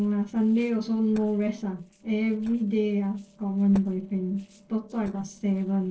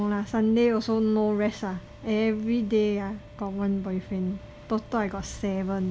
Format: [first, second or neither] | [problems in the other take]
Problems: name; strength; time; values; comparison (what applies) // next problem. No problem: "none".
second | noise reduction (neural separator model SepFormer DNS4)